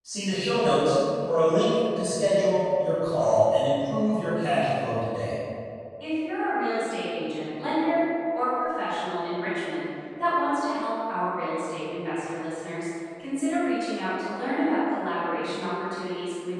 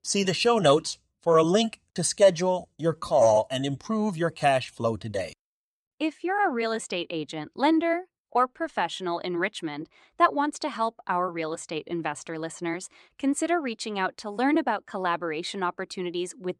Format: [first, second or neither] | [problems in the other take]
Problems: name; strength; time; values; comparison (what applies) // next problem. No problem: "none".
second | off-mic speech; far // room echo; strong; dies away in 2.3 s